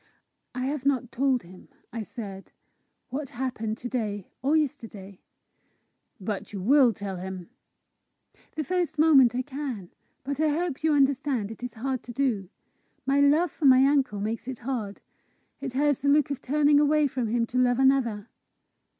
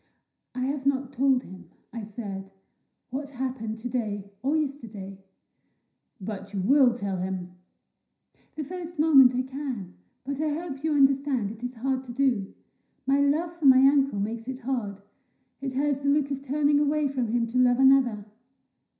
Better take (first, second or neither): first